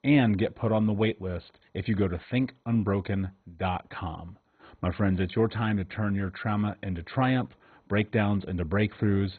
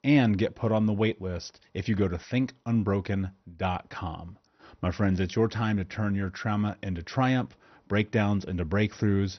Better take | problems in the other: second | garbled, watery; badly; nothing above 4 kHz; slightly in the second

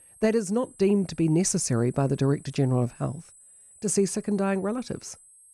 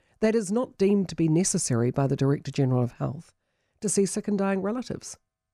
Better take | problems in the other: second | high-pitched whine; faint; throughout; 8 kHz, 25 dB below the speech

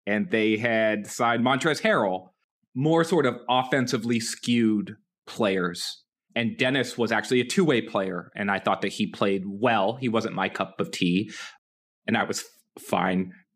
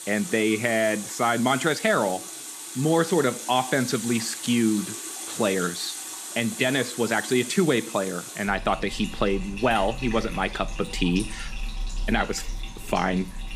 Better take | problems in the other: first | household noises; loud; throughout; 9 dB below the speech

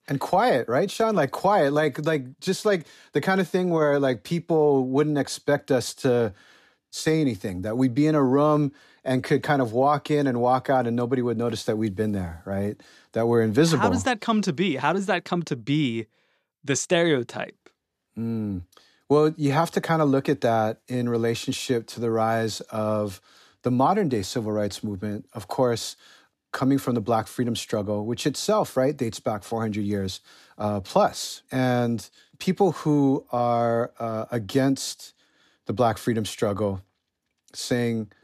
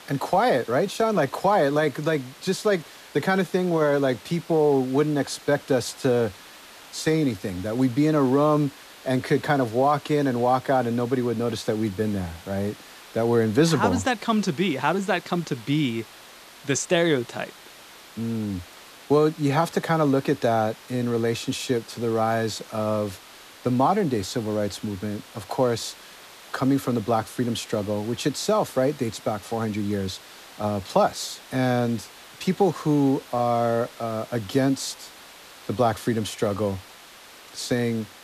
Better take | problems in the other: first | hiss; noticeable; throughout; 20 dB below the speech

